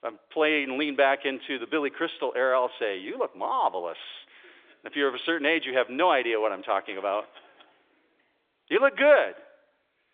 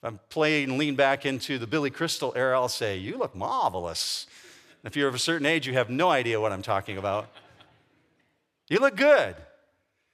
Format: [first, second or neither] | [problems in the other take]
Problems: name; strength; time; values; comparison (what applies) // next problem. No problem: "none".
second | phone-call audio; nothing above 3.5 kHz